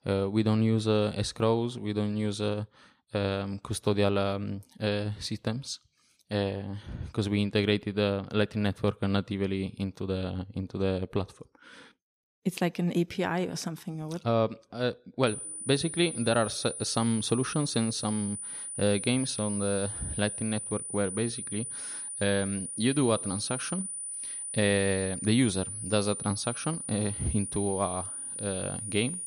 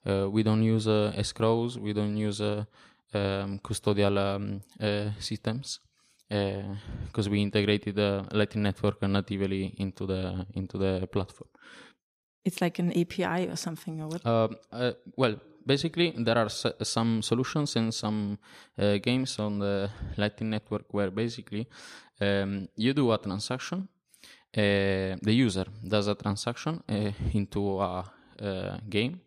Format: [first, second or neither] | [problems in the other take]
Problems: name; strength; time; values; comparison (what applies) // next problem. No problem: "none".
second | high-pitched whine; loud; from 15 s on; 9.5 kHz, 5 dB below the speech